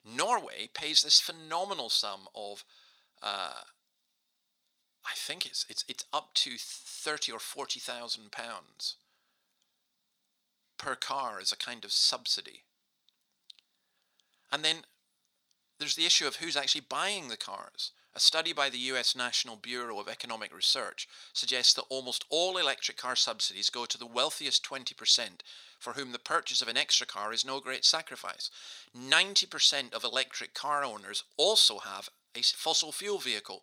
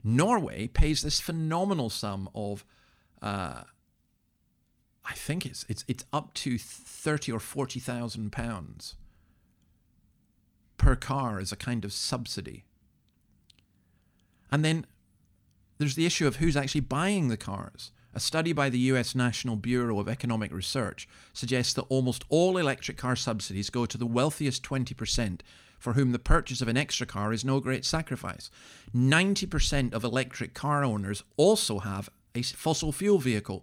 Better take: second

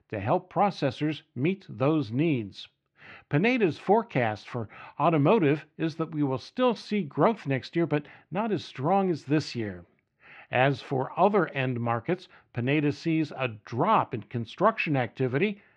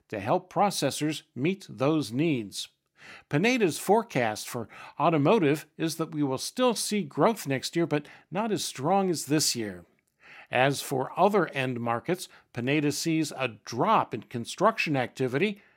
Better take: second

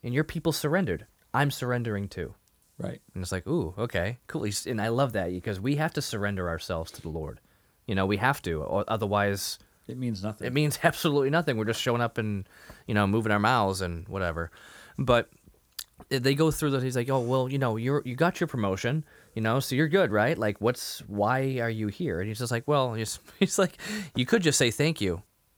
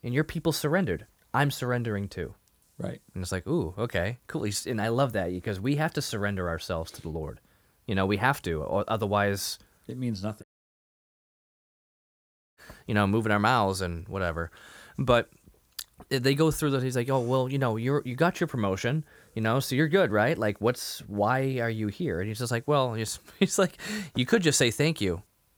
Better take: first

